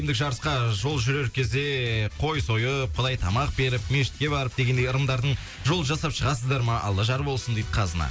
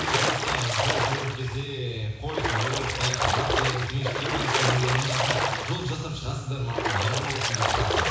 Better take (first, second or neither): first